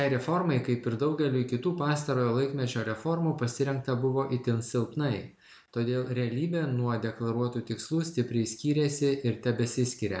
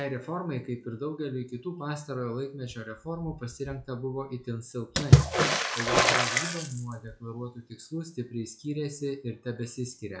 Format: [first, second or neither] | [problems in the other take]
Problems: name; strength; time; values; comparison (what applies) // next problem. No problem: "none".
first | noise reduction (classical method log-MMSE)